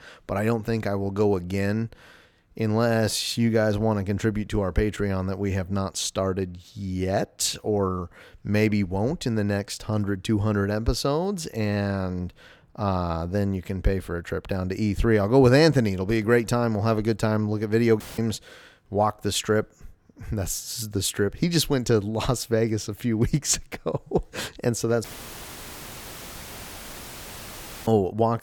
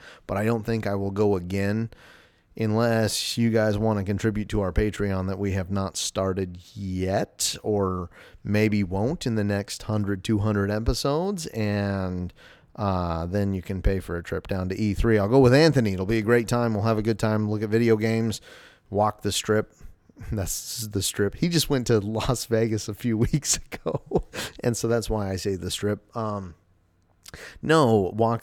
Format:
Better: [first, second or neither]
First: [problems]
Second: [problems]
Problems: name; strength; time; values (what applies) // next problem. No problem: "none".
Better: second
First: audio cutting out; filled with static; at 18 s and at 25 s for 3 s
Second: none